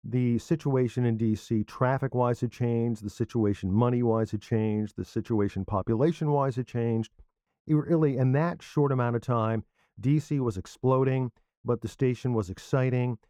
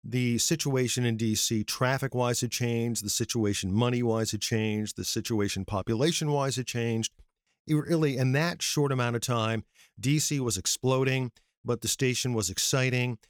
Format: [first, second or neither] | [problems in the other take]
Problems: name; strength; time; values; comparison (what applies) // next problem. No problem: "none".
second | muffled; very; fading above 2 kHz